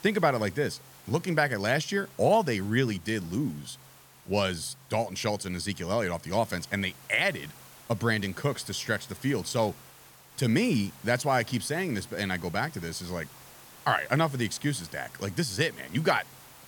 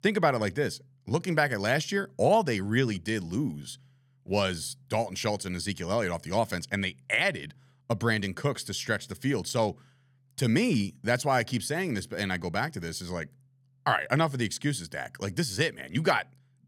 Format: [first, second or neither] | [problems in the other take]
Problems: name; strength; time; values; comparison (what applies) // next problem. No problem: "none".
second | hiss; faint; throughout; 20 dB below the speech